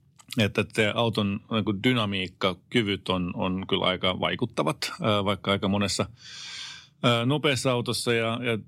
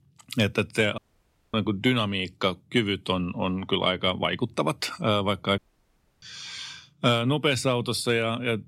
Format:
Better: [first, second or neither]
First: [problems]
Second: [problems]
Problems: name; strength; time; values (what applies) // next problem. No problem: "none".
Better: first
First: none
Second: audio cutting out; at 1 s for 0.5 s and at 5.5 s for 0.5 s